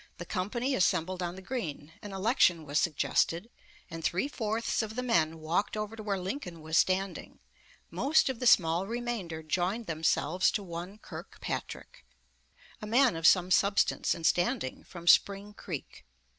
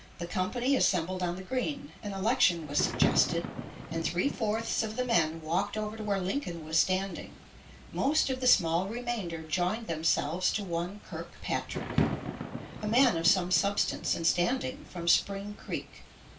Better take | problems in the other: first | background sound (Thunder / Rain); 9 dB below the speech // room echo; dies away in 0.2 s

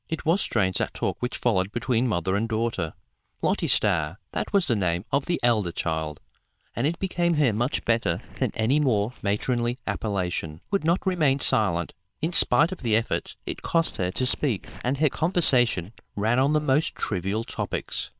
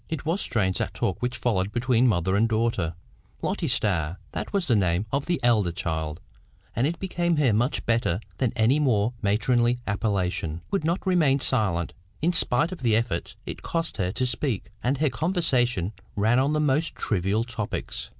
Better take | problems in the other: second | noise reduction (neural separator model SepFormer WHAM!)

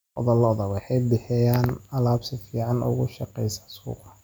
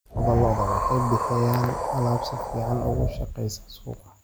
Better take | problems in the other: first | background sound (Wind); 2 dB below the speech

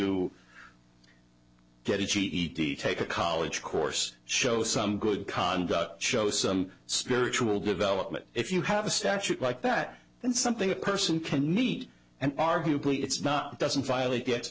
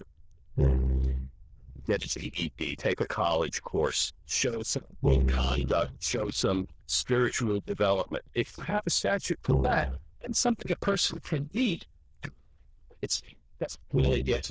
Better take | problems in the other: first | noise reduction (neural diffusion model UNIVERSE++)

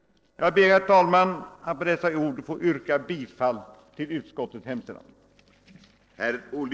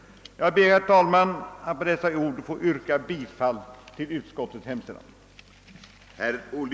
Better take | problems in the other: second | noise reduction (neural separator model SepFormer DNS4)

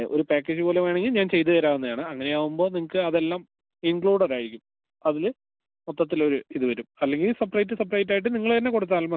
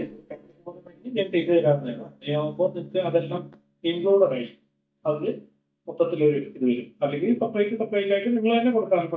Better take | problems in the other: first | noise reduction (neural mask model DeepFilterNet 3)

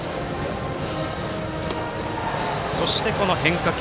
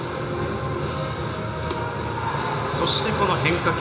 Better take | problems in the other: first | room echo; dies away in 0.8 s

